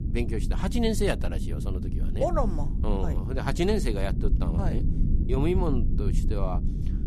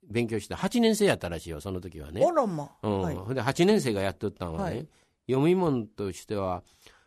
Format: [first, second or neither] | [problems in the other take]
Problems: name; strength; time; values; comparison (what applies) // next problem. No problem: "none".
second | low rumble; loud; throughout; 10 dB below the speech